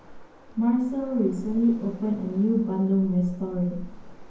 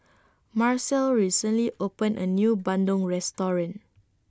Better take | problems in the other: second | background sound (Waves, surf); 17 dB below the speech // room echo; dies away in 0.9 s

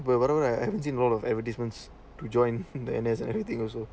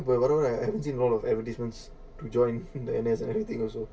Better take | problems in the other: first | room echo; dies away in 0.1 s

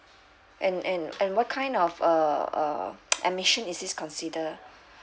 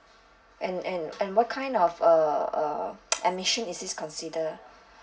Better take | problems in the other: first | room echo; dies away in 0.2 s

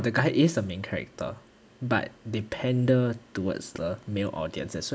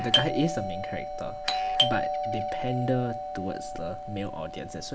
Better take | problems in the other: first | background sound (Doorbell); 2 dB above the speech

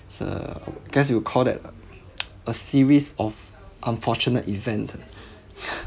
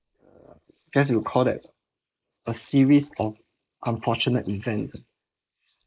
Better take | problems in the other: first | noise reduction (neural mask model Resemble Enhance denoiser)

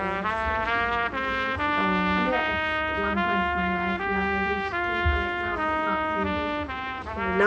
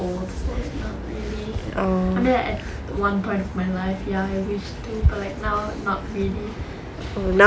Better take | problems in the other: second | background sound (Trumpet); 4 dB above the speech // room echo; dies away in 0.3 s

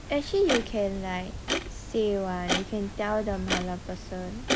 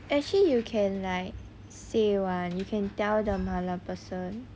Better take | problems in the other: second | background sound (Clock); 4 dB below the speech

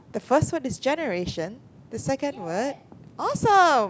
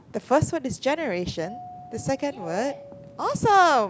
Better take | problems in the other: first | background sound (Doorbell); 18 dB below the speech

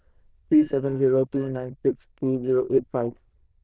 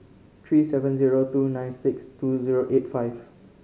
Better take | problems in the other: second | noise reduction (neural diffusion model UNIVERSE++)

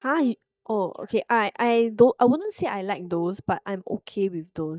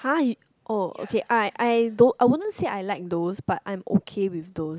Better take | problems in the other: second | noise reduction (neural mask model DeepFilterNet 3)

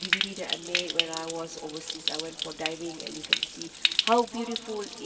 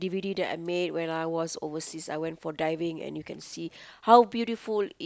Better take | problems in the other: second | background sound (Stream); 2 dB above the speech // room echo; dies away in 2.4 s

